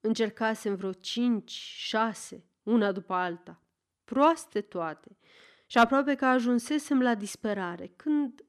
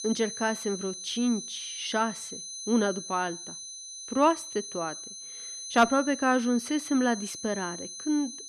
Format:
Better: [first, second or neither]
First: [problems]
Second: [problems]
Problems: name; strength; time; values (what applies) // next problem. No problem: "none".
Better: first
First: none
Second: high-pitched whine; loud; throughout; 6 kHz, 9 dB below the speech